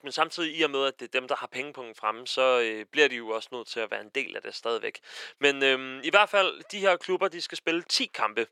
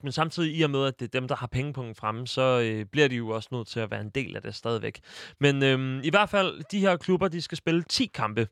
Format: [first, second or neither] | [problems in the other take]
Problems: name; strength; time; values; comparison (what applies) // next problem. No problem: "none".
second | thin; somewhat; fading below 400 Hz